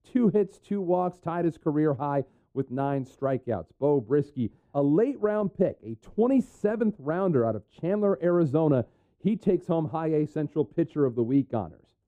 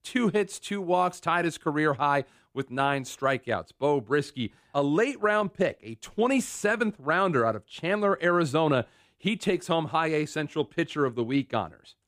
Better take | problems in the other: second | muffled; very; fading above 1 kHz

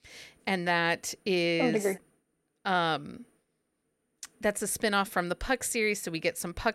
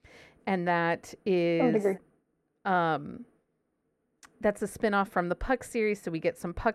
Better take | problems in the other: first | muffled; slightly; fading above 2 kHz

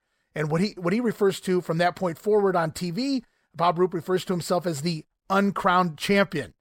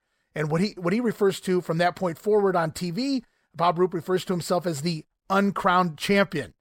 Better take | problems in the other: neither | none

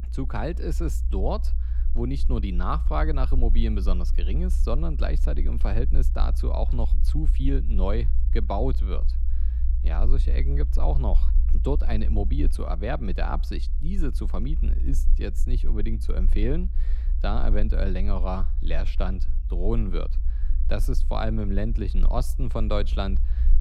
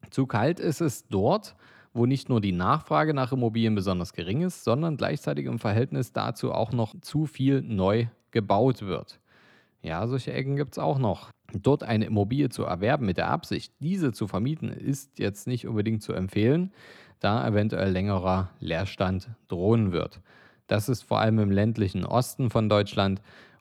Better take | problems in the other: second | low rumble; noticeable; throughout; 15 dB below the speech

